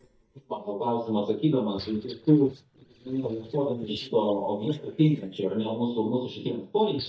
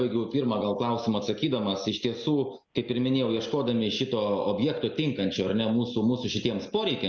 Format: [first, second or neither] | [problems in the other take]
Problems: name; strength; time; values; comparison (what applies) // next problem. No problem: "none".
second | noise reduction (neural mask model DeepFilterNet 3)